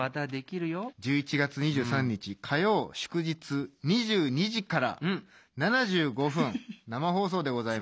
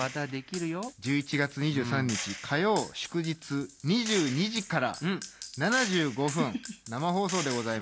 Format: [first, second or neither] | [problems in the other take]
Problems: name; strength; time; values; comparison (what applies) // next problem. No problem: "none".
first | background sound (Gunshot, gunfire); 12 dB below the speech